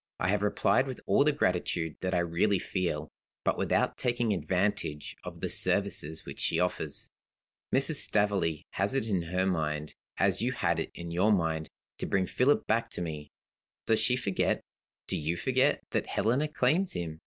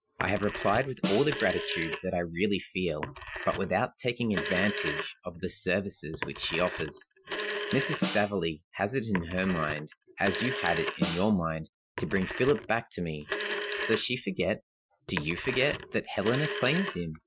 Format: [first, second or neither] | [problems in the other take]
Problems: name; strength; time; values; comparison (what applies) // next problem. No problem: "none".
first | noise reduction (classical method Wiener filter)